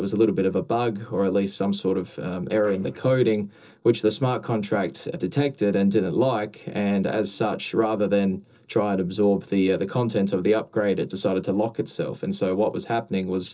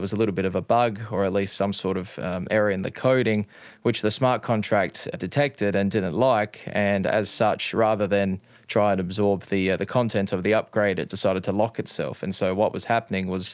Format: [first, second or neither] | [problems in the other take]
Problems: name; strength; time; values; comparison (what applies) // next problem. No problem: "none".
second | noise reduction (neural separator model SepFormer DNS4)